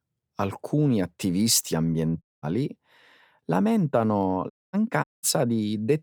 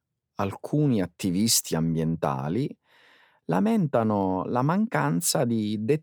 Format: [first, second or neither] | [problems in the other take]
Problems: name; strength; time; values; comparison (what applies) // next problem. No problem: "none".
second | audio cutting out; at 2 s, at 4.5 s and at 5 s